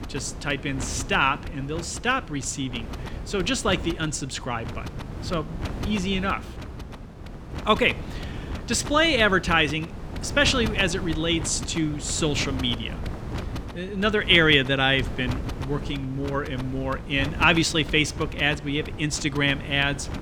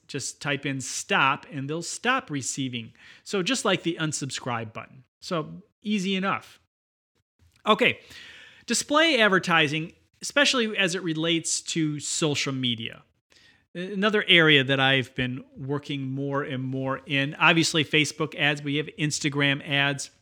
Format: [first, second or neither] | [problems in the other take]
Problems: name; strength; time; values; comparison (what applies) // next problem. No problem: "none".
second | wind noise on the microphone; occasional gusts; 15 dB below the speech